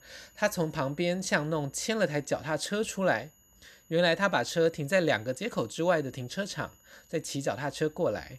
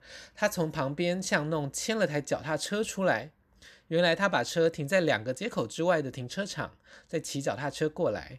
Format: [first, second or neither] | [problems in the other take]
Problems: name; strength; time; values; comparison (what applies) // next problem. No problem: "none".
second | high-pitched whine; faint; throughout; 7 kHz, 30 dB below the speech